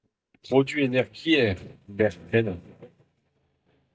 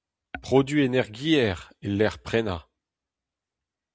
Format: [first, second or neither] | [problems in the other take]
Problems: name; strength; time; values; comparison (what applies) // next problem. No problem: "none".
second | noise reduction (neural mask model DeepFilterNet 3)